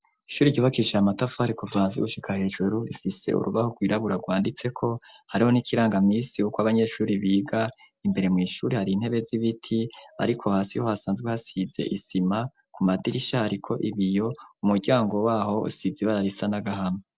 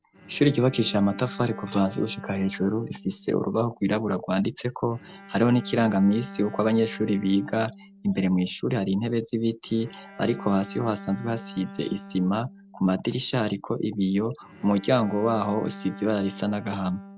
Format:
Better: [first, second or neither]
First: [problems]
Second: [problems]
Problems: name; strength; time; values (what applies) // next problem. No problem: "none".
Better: first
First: none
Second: background sound (Bowed string instrument); 17 dB below the speech